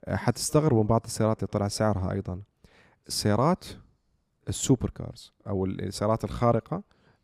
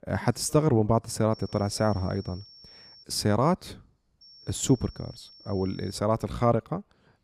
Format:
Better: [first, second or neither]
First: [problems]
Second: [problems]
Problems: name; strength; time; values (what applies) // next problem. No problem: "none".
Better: first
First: none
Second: high-pitched whine; faint; from 1.5 to 3 s and from 4 to 6 s; 5.5 kHz, 20 dB below the speech